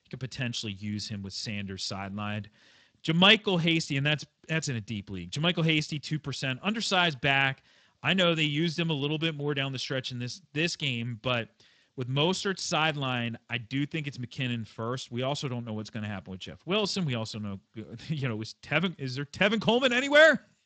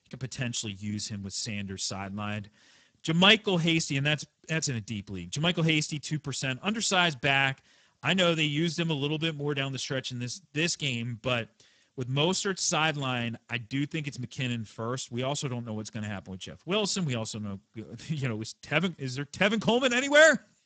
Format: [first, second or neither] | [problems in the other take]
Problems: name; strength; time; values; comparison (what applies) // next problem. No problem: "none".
first | garbled, watery; badly; nothing above 8 kHz; slightly in the first